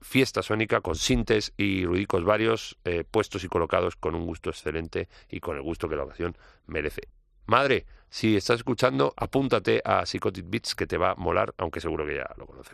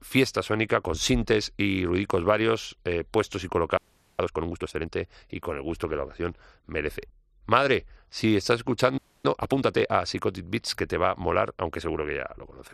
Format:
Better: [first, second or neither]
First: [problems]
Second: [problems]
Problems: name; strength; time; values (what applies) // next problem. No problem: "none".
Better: first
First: none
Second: audio freezing; at 4 s and at 9 s